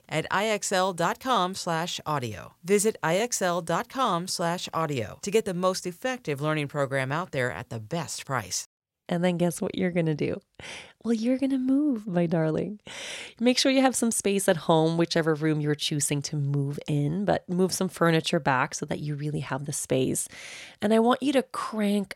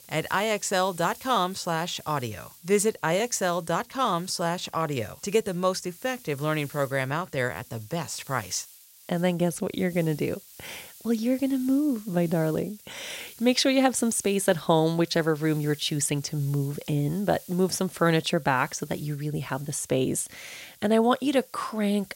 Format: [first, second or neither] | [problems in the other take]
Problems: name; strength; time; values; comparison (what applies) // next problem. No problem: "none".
first | hiss; faint; throughout; 20 dB below the speech